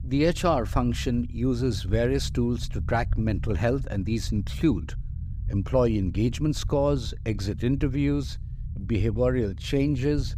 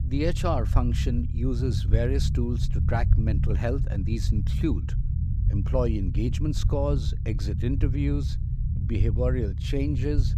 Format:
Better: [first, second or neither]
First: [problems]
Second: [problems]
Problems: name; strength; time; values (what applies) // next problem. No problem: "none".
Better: first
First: low rumble; faint; throughout; 20 dB below the speech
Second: low rumble; loud; throughout; 9 dB below the speech